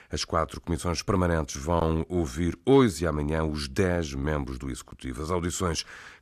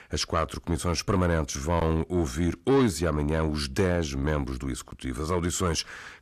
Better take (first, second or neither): first